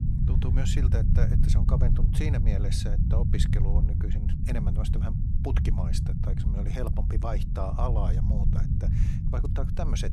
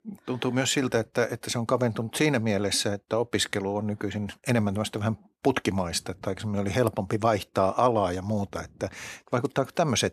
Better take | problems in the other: second | low rumble; loud; throughout; 2 dB below the speech

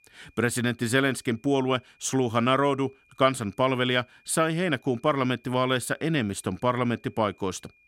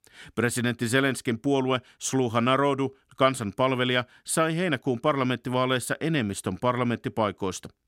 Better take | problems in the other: second | high-pitched whine; faint; throughout; 2.5 kHz, 35 dB below the speech

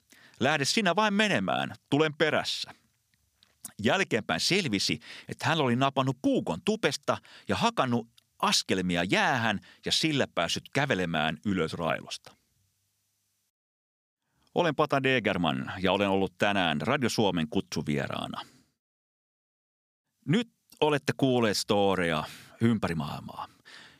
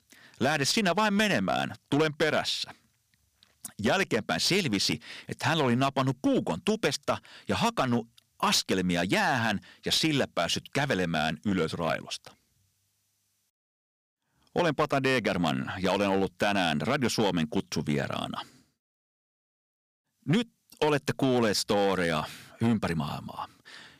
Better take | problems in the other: first | distortion; slight; 4% of the sound clipped

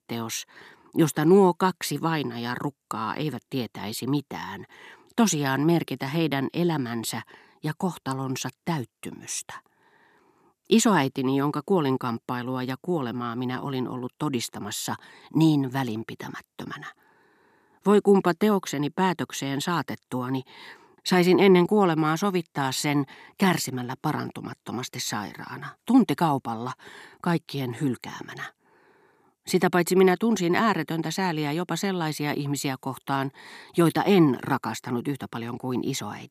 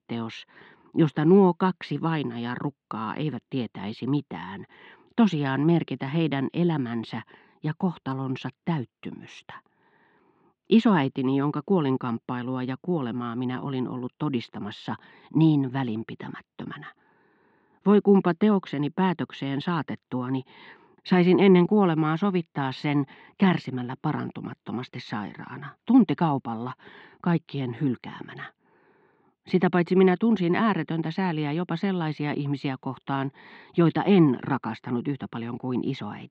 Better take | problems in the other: first | muffled; slightly; fading above 3.5 kHz

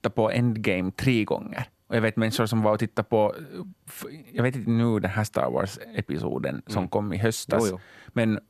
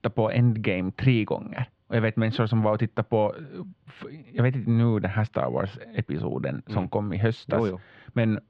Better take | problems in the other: first | muffled; slightly; fading above 3.5 kHz

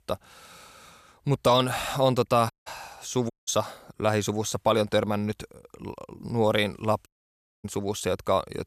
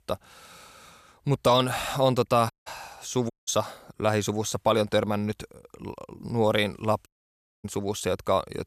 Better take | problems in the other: neither | audio cutting out; at 2.5 s, at 3.5 s and at 7 s for 0.5 s; the same in both

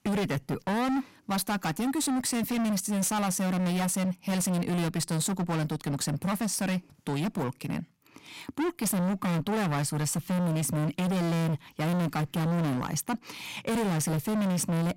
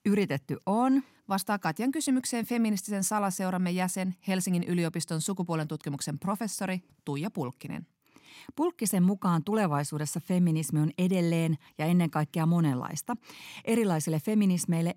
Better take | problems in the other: second | distortion; heavy; 36% of the sound clipped

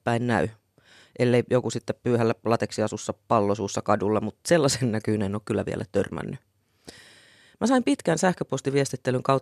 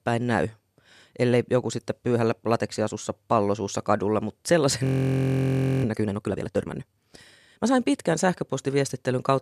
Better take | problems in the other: first | audio freezing; at 5 s for 1 s

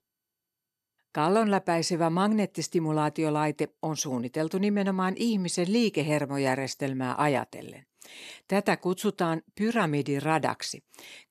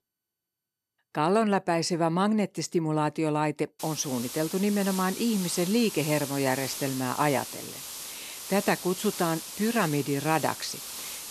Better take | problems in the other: first | hiss; loud; from 4 s on; 8 dB below the speech

